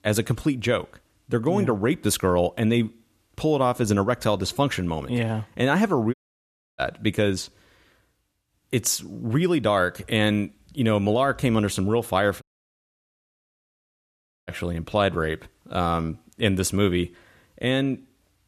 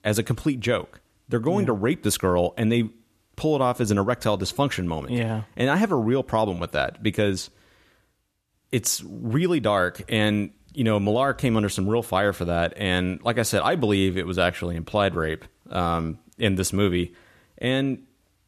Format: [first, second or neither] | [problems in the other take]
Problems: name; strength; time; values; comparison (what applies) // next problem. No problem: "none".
second | audio cutting out; at 6 s for 0.5 s and at 12 s for 2 s